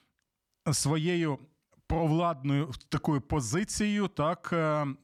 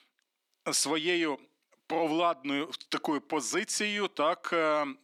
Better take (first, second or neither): first